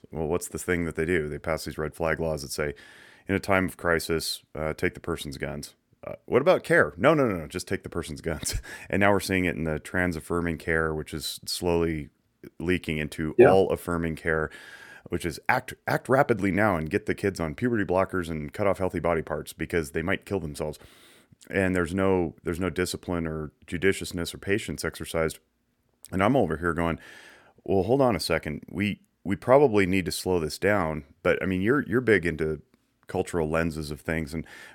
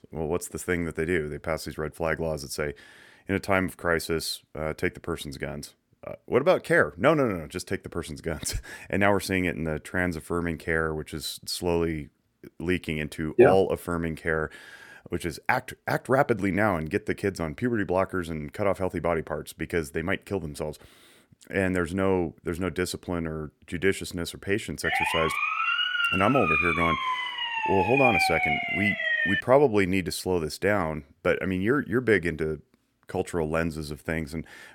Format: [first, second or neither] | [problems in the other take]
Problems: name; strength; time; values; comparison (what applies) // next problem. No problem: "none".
first | siren; loud; from 25 to 29 s; peak 5 dB above the speech